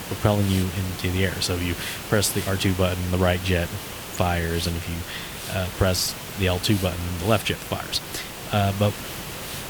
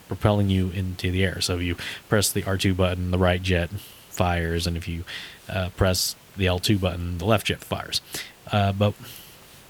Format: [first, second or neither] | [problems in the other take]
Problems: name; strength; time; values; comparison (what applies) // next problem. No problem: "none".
second | hiss; loud; throughout; 8 dB below the speech; faint in the second